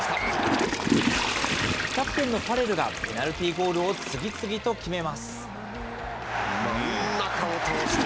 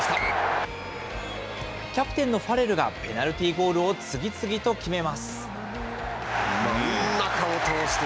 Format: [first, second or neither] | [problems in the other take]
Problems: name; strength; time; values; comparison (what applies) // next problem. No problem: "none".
second | background sound (Toilet flush / Water); 3 dB below the speech